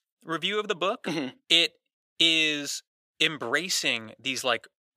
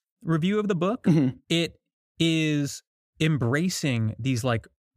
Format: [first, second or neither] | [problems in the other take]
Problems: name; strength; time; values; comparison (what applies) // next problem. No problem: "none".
second | thin; very; fading below 550 Hz